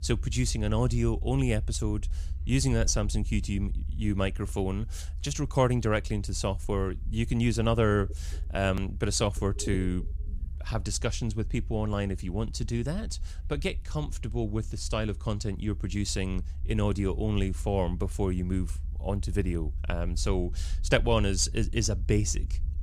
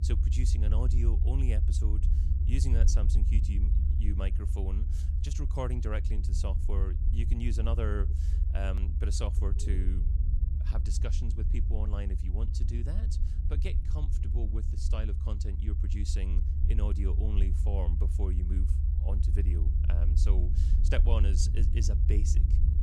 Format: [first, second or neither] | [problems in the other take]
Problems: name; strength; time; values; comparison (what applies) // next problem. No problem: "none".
first | low rumble; loud; throughout; 5 dB below the speech; faint in the first